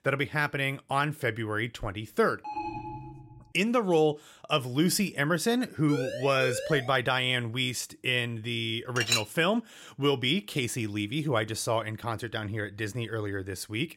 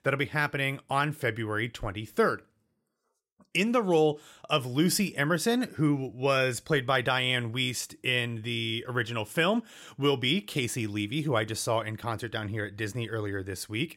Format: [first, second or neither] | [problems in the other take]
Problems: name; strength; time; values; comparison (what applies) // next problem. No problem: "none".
second | alarm; noticeable; at 2.5 s; peak 7 dB below the speech // siren; noticeable; from 6 to 7 s; peak 6 dB below the speech // clattering dishes; loud; at 9 s; peak 1 dB above the speech